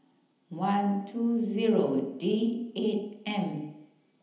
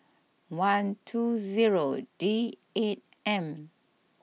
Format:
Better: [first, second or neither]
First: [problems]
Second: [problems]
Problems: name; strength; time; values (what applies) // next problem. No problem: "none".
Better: second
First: room echo; dies away in 0.9 s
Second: none